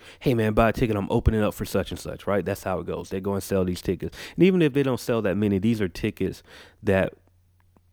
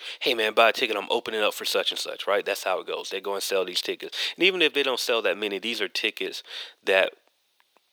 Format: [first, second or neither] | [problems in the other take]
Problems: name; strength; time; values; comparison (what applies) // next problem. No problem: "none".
first | thin; very; fading below 450 Hz